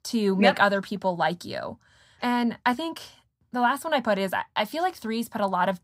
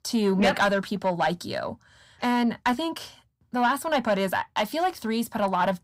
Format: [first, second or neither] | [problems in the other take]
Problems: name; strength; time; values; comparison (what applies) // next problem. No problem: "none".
first | distortion; slight; 10 dB below the speech